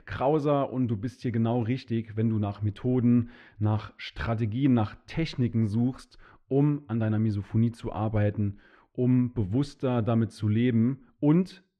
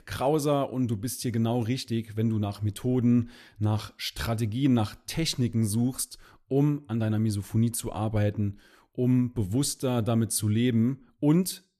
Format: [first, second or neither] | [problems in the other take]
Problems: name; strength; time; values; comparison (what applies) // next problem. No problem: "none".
second | muffled; slightly; fading above 2 kHz